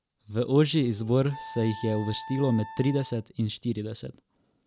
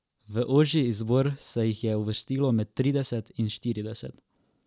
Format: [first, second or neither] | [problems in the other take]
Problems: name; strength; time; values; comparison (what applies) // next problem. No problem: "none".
second | background sound (Wind instrument, woodwind instrument); 16 dB below the speech